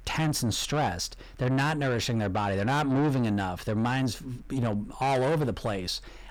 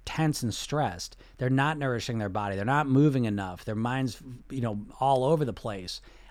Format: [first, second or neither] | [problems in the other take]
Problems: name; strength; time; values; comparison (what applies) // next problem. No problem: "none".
second | distortion; heavy; 7 dB below the speech